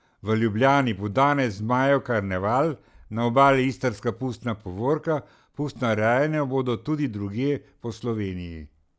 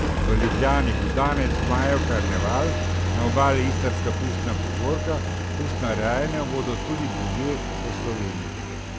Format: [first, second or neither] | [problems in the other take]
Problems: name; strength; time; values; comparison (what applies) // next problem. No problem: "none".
first | background sound (Engine); 2 dB above the speech